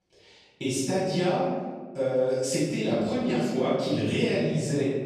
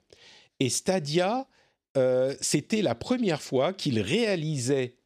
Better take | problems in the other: second | room echo; strong; dies away in 1.4 s // off-mic speech; far

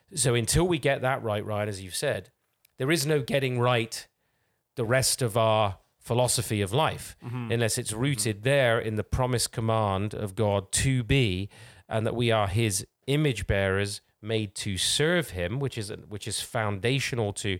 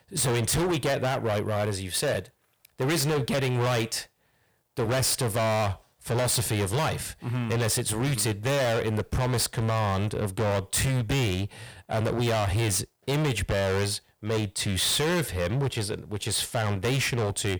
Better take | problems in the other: first | distortion; heavy; 27% of the sound clipped

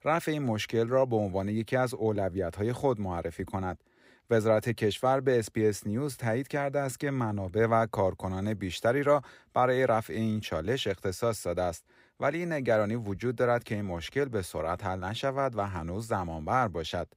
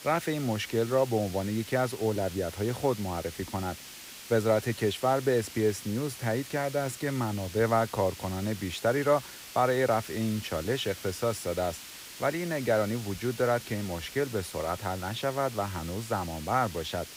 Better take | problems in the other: first | hiss; noticeable; throughout; 15 dB below the speech

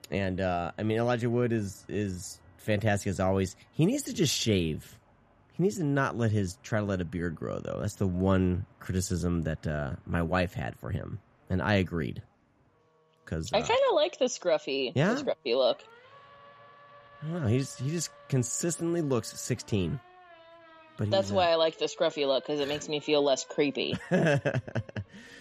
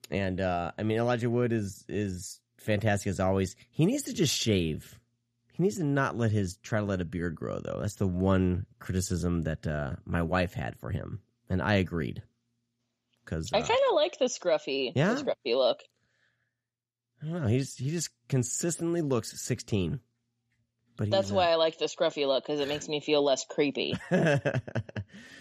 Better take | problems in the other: second | traffic noise; faint; throughout; 30 dB below the speech

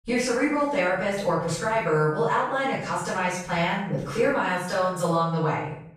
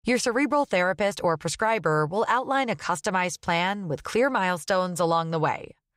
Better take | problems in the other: second | off-mic speech; far // room echo; noticeable; dies away in 0.6 s

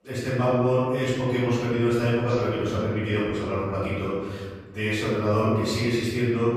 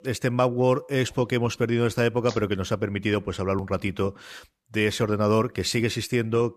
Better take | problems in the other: second | off-mic speech; far // room echo; strong; dies away in 1.6 s

